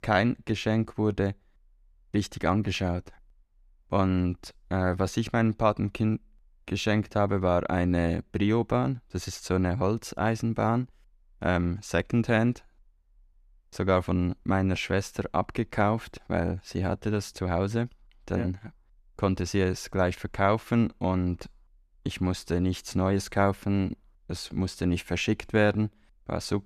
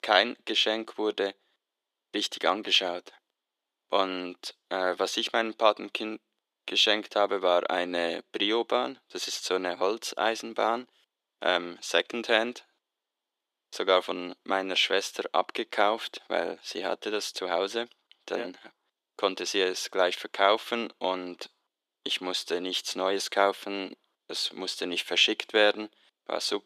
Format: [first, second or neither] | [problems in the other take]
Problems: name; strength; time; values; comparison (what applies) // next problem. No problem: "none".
first | thin; very; fading below 350 Hz